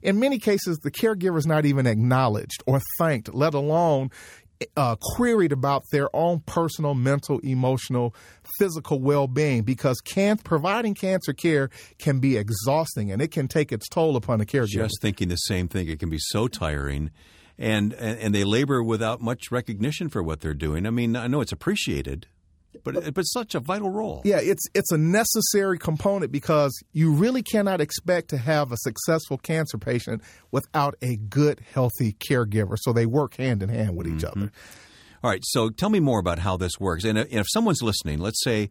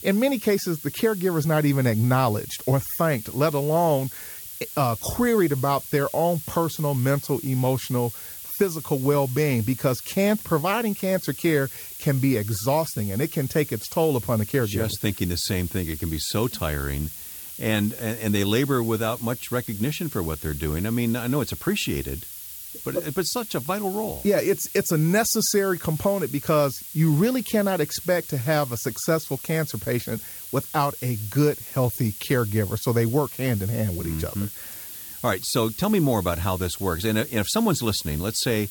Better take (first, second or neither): first